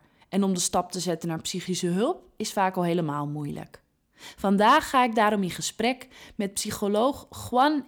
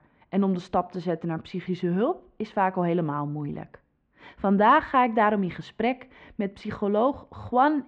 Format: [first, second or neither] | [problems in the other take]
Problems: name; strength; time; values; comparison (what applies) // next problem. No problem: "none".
first | muffled; very; fading above 2.5 kHz